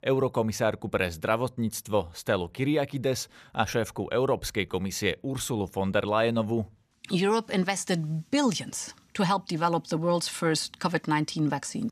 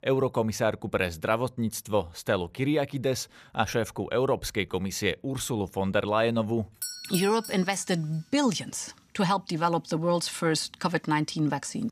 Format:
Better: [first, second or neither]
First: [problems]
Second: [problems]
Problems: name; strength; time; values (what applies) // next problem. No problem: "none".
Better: first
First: none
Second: doorbell; noticeable; at 7 s; peak 5 dB below the speech